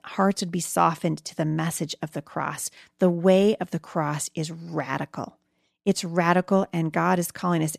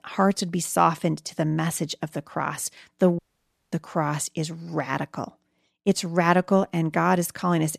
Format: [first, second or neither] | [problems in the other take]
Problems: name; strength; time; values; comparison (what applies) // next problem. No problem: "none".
first | audio cutting out; at 3 s for 0.5 s